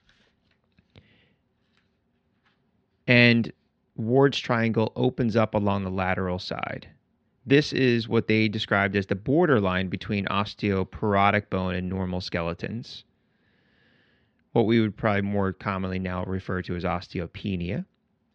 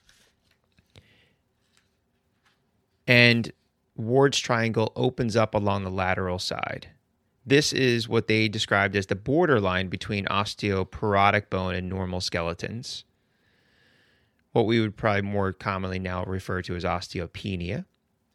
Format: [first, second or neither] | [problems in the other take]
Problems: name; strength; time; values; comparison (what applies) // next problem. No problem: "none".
second | muffled; very slightly; fading above 4 kHz